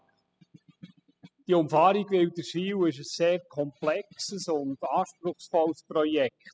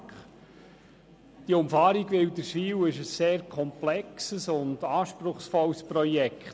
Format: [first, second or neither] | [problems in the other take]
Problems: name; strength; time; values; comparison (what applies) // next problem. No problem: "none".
second | noise reduction (classical method spectral subtraction)